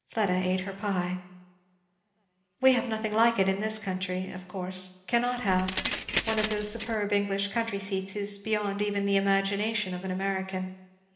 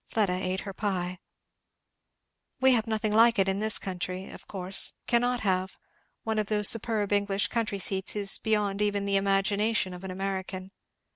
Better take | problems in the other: second | background sound (Keys jangling); 4 dB below the speech // room echo; dies away in 1.1 s

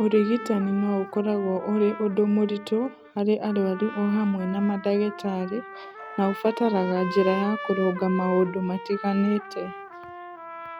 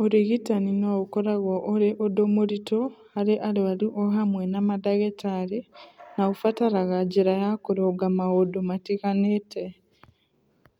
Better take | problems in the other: second | background sound (Trumpet); 13 dB below the speech

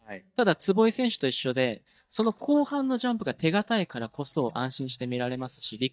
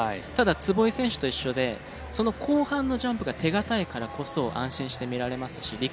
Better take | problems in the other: second | noise reduction (neural mask model DeepFilterNet 3)

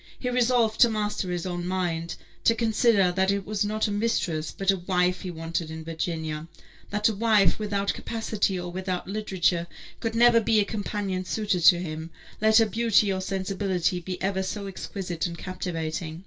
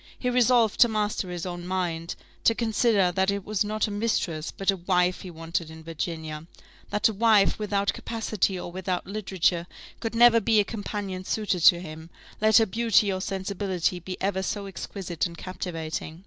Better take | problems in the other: second | room echo; dies away in 0.1 s

